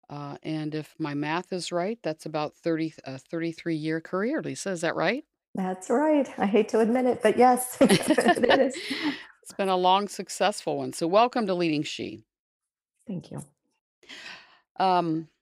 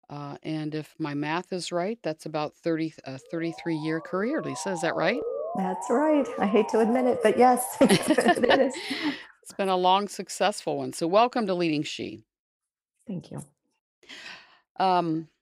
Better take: first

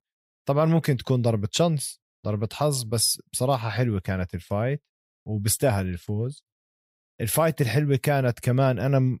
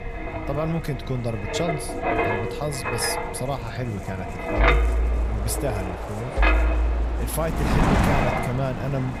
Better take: first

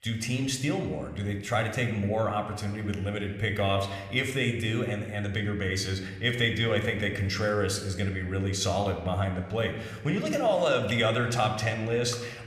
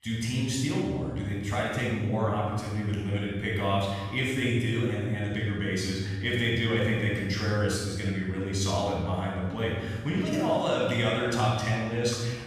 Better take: first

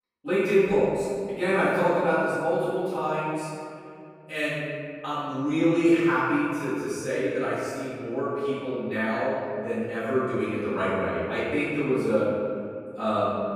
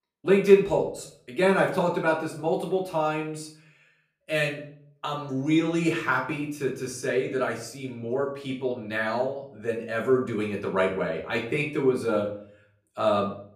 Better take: second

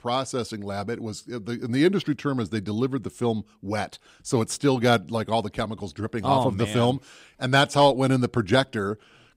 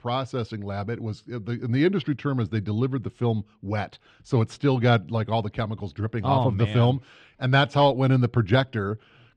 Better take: first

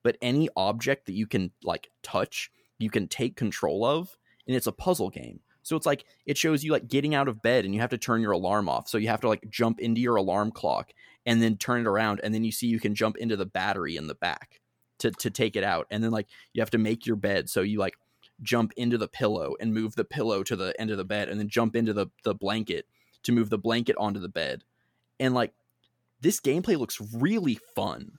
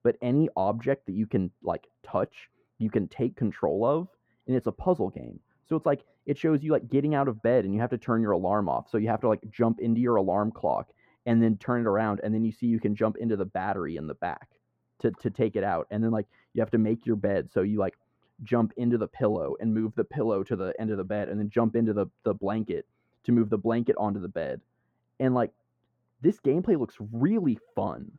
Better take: first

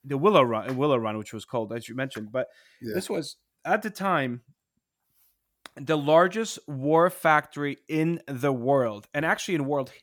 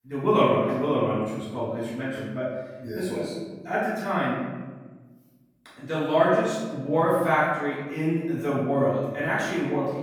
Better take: first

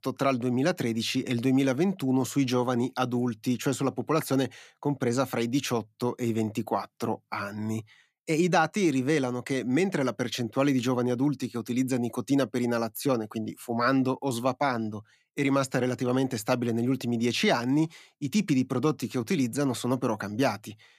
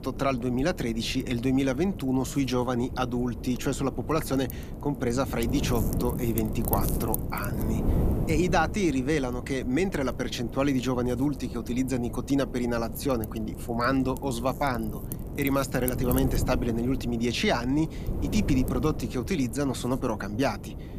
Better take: first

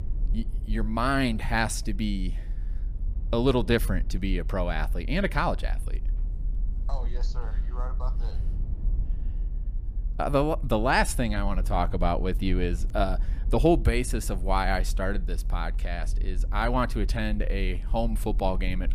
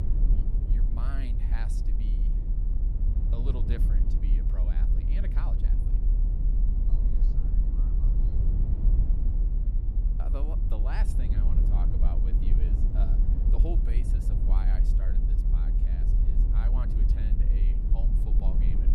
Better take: first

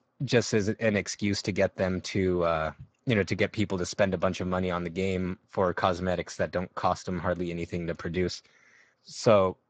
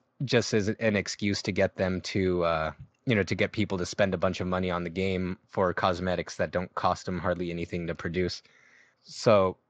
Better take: second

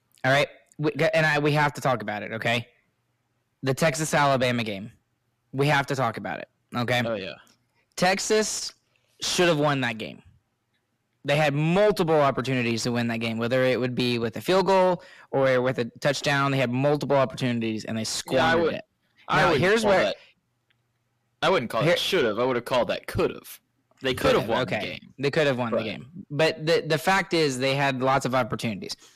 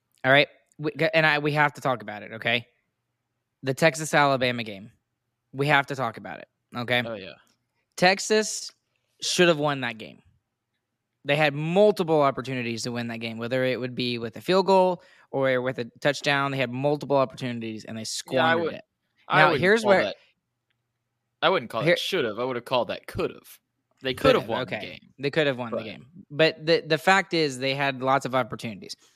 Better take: second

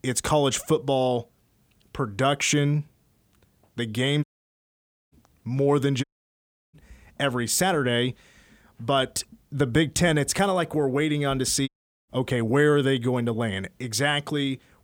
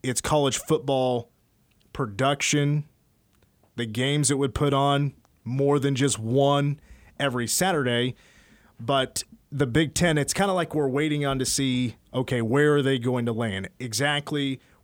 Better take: second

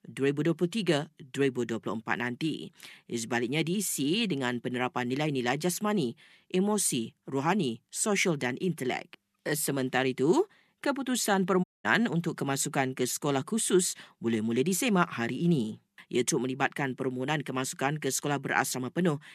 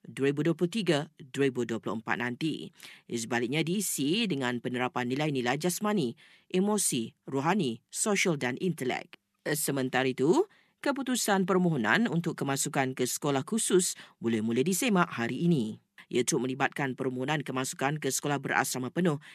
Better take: second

